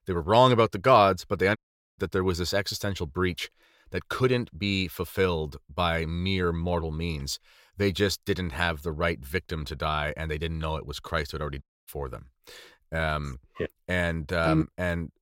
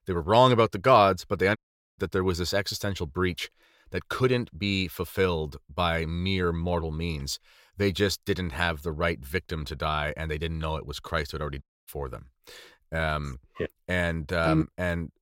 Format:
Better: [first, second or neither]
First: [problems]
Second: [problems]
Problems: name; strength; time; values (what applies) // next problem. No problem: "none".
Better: neither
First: audio cutting out; at 1.5 s and at 12 s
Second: audio cutting out; at 1.5 s and at 12 s